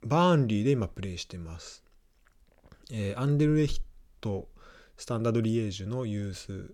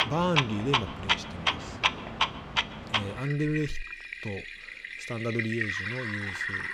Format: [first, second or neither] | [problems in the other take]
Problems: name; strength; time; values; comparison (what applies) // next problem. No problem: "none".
first | household noises; very loud; throughout; 2 dB above the speech